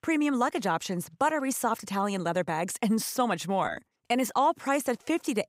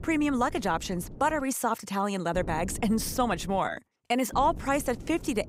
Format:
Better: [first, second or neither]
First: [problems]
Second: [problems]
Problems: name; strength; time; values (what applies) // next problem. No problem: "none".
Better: first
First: none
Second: wind noise on the microphone; occasional gusts; until 1.5 s, from 2.5 to 3.5 s and from 4.5 s on; 20 dB below the speech